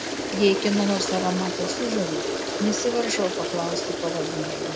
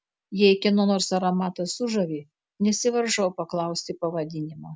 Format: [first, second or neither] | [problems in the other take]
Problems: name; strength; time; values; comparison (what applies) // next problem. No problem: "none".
second | background sound (Toilet flush); 2 dB below the speech